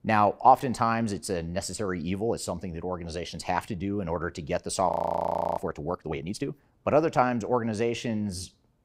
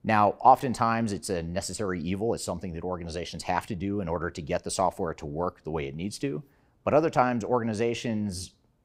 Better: second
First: audio freezing; at 5 s for 0.5 s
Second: none

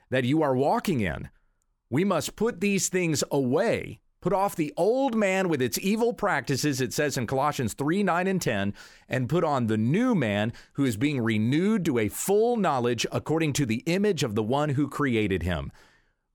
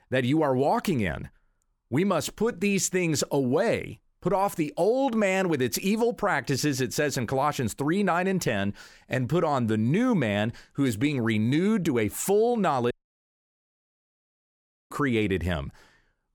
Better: first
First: none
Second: audio cutting out; at 13 s for 2 s

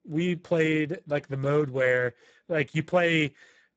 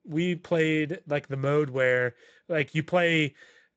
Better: second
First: garbled, watery; badly; nothing above 7.5 kHz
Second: garbled, watery; slightly; nothing above 7.5 kHz

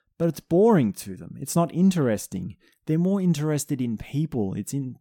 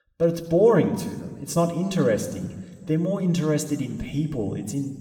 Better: first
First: none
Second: room echo; slight; dies away in 2 s

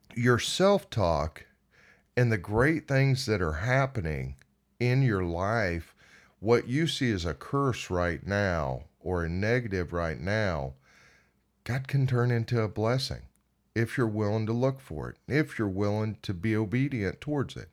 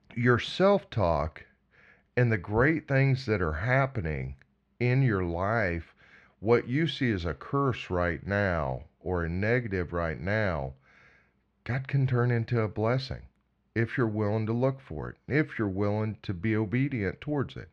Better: first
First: none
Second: muffled; slightly; fading above 2.5 kHz

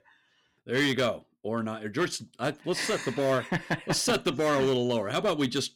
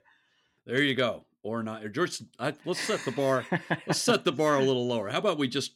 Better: second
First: distortion; slight; 7% of the sound clipped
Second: none

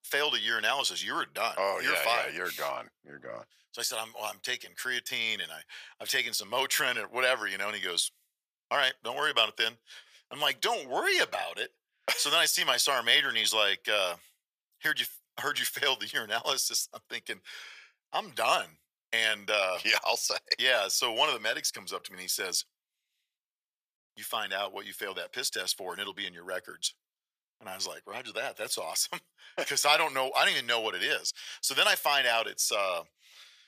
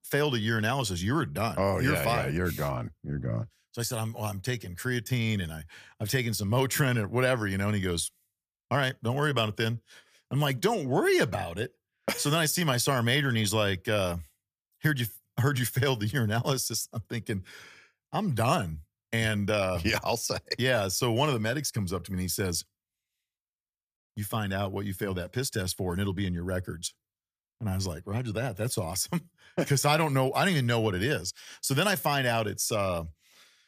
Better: second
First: thin; very; fading below 650 Hz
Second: none

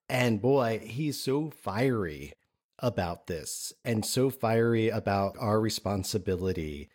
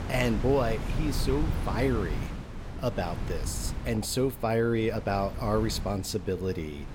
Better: first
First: none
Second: wind noise on the microphone; occasional gusts; 10 dB below the speech

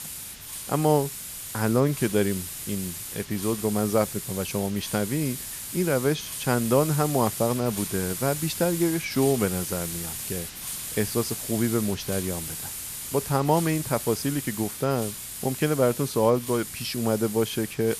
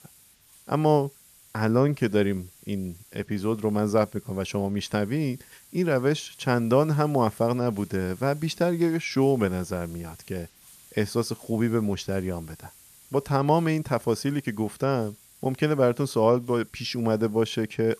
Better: second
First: hiss; loud; throughout; 6 dB below the speech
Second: hiss; faint; throughout; 25 dB below the speech

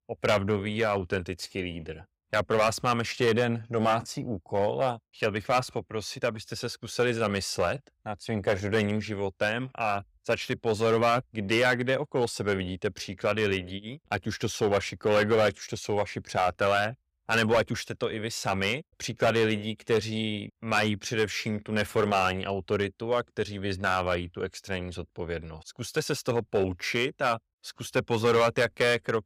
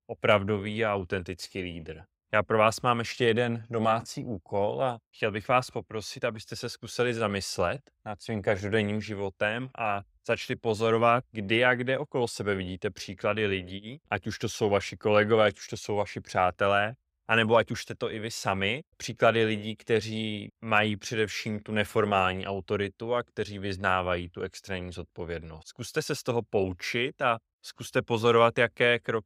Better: second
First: distortion; slight; 4% of the sound clipped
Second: none

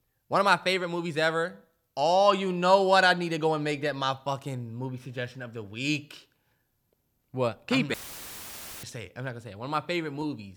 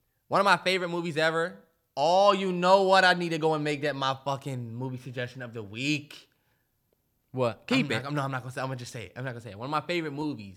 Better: second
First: audio cutting out; filled with static; at 8 s for 1 s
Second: none

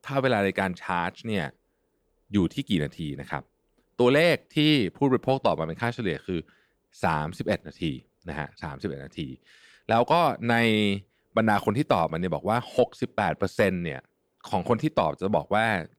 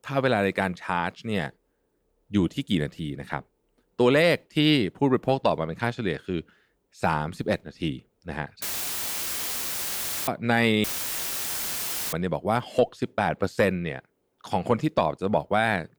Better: first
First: none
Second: audio cutting out; filled with static; at 8.5 s for 1.5 s and at 11 s for 1.5 s

